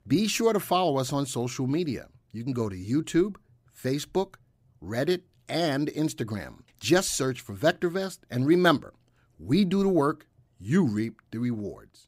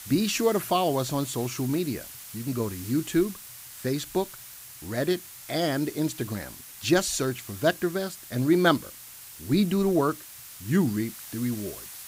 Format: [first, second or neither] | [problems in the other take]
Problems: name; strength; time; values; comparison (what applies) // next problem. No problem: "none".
first | hiss; noticeable; throughout; 15 dB below the speech